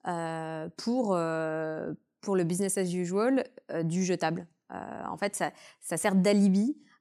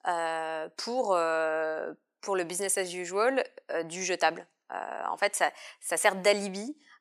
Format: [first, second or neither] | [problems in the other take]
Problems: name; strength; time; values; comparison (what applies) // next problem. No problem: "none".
first | thin; very; fading below 600 Hz